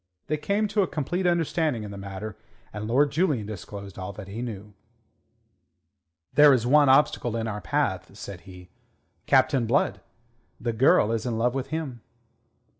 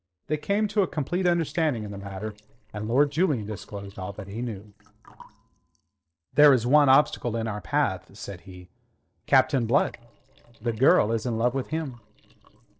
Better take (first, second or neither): first